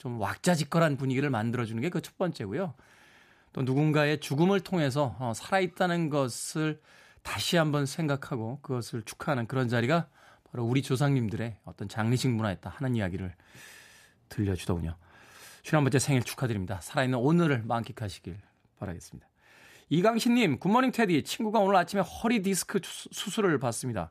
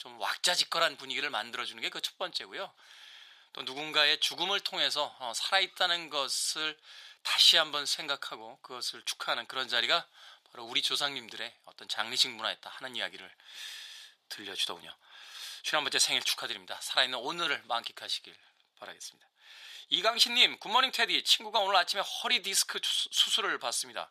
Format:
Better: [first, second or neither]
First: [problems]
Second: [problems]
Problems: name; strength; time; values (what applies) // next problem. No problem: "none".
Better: first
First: none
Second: thin; very; fading below 900 Hz